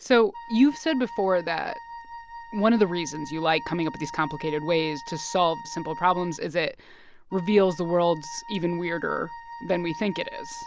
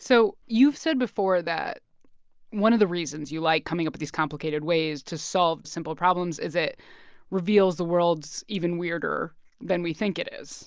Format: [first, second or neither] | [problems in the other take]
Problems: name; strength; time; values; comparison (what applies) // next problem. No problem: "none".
second | background sound (Wind instrument, woodwind instrument); 15 dB below the speech